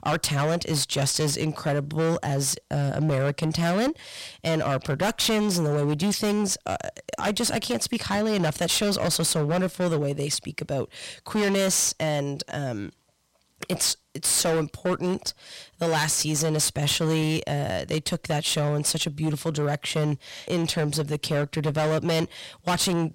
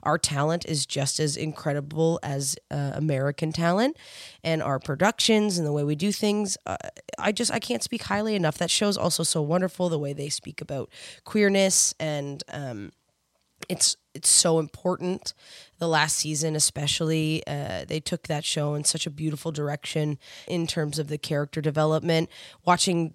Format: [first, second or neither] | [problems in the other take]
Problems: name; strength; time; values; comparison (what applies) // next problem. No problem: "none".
second | distortion; heavy; 19% of the sound clipped